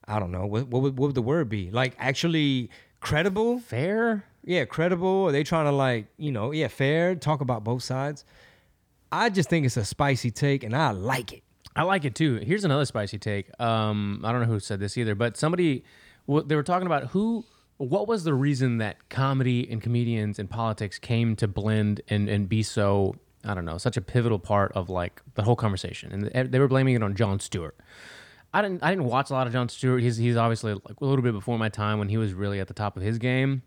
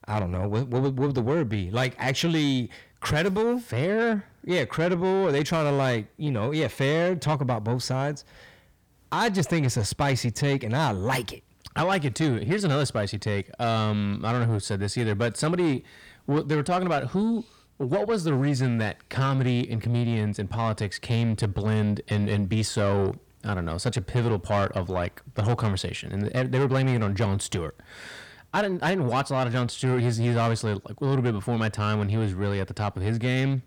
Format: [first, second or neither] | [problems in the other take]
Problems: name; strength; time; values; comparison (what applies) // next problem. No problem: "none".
first | distortion; slight; 10 dB below the speech